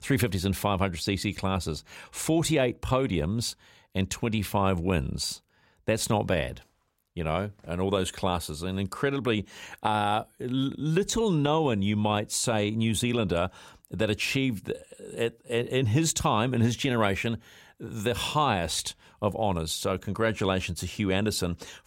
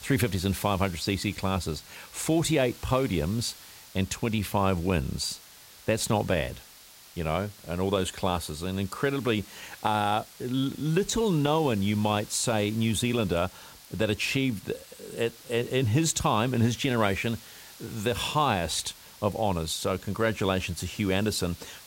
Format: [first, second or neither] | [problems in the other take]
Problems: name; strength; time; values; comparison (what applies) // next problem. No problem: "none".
first | hiss; noticeable; throughout; 20 dB below the speech